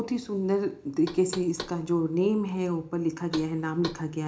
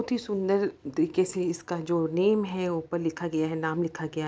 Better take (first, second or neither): second